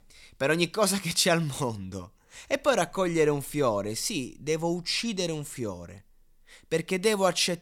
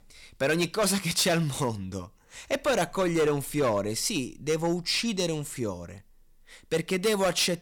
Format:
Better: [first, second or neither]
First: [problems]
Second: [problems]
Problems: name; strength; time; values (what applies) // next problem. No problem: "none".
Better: first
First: none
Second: distortion; slight; 6% of the sound clipped